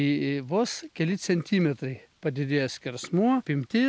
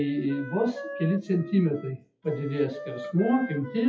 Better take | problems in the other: first | noise reduction (classical method WPE with log-MMSE)

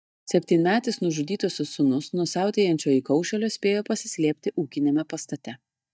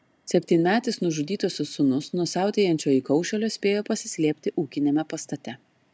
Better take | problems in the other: second | noise reduction (neural mask model DeepFilterNet 3)

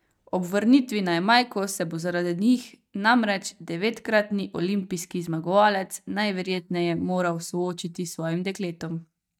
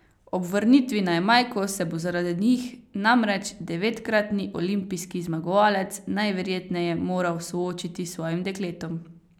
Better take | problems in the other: second | noise reduction (neural mask model DeepFilterNet 3)

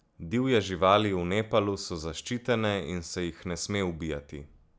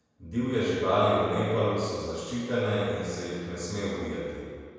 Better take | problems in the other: first | room echo; dies away in 1.9 s

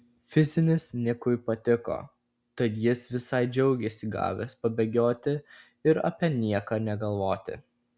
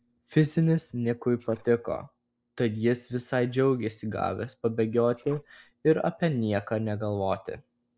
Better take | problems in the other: first | noise reduction (neural separator model SepFormer DNS4)

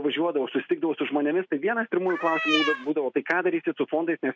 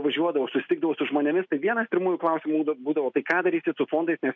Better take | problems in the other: second | background sound (Cat); 2 dB below the speech

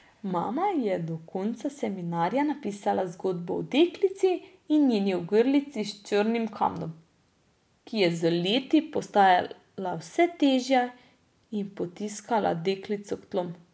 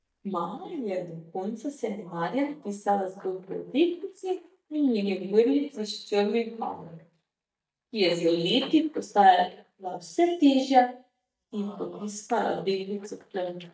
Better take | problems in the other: first | noise reduction (neural mask model DeepFilterNet 3)

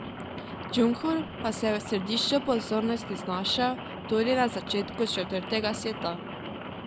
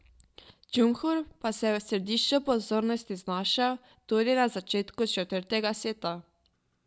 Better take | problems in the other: second | background sound (Rain); 8 dB below the speech

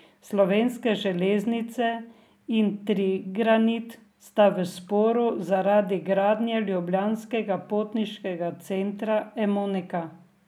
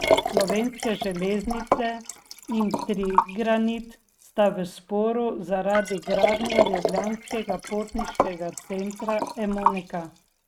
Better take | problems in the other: first | noise reduction (neural mask model RNNoise)

